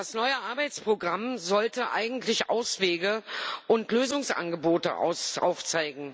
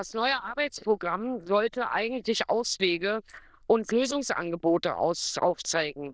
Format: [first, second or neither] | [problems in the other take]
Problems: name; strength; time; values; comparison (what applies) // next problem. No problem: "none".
first | noise reduction (neural diffusion model UNIVERSE++)